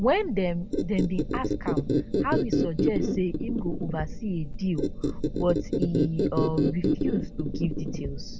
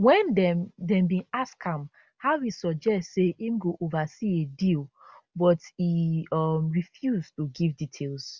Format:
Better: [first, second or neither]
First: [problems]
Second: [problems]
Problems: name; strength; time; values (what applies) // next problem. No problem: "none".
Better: second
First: background sound (Squeak); 2 dB above the speech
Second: none